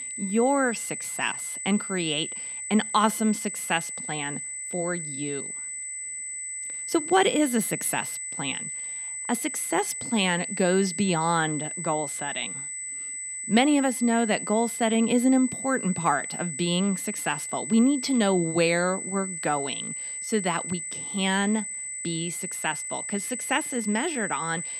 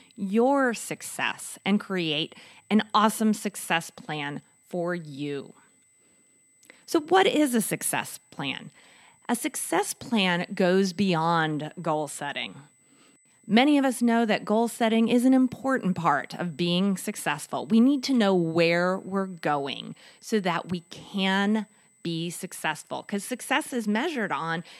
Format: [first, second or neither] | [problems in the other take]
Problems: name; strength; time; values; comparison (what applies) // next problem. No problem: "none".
second | high-pitched whine; loud; throughout; 8 kHz, 5 dB below the speech; faint in the second